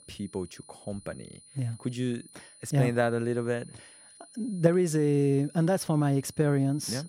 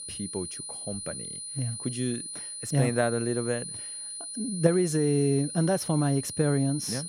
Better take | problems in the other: first | high-pitched whine; loud; throughout; 9.5 kHz, 7 dB below the speech; faint in the first

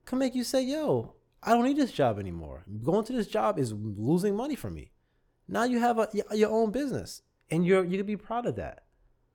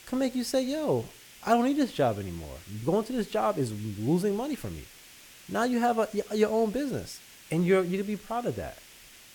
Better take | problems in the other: first | hiss; noticeable; throughout; 20 dB below the speech

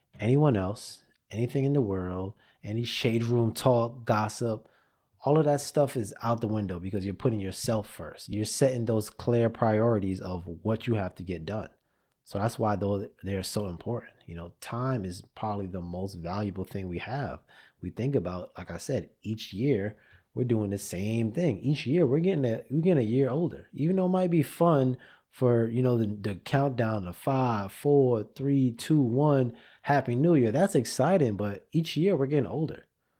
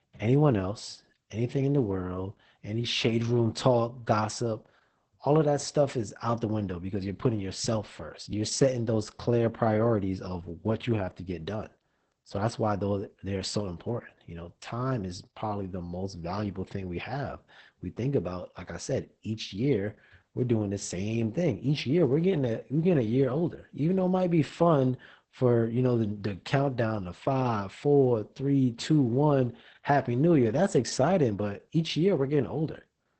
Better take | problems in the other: first | garbled, watery; badly; nothing above 8 kHz; slightly in the first

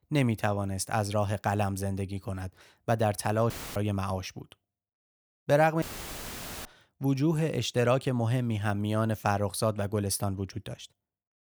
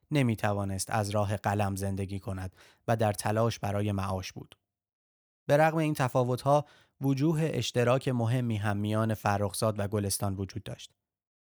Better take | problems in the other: second | audio cutting out; filled with static; at 3.5 s and at 6 s for 1 s

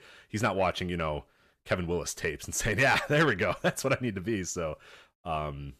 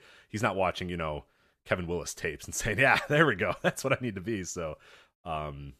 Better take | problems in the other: second | distortion; slight; 10 dB below the speech

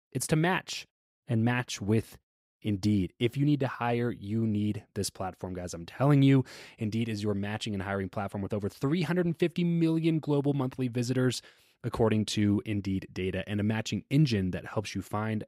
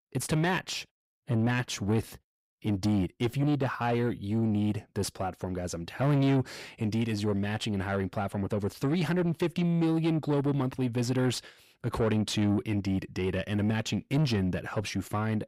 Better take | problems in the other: first | distortion; slight; 10 dB below the speech

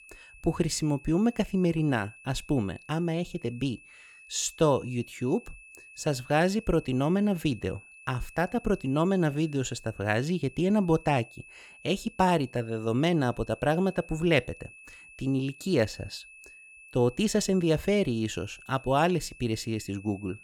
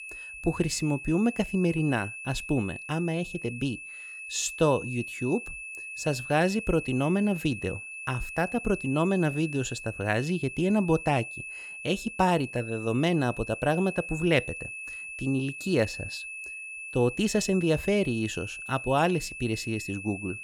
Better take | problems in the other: first | high-pitched whine; loud; throughout; 2.5 kHz, 9 dB below the speech; faint in the first

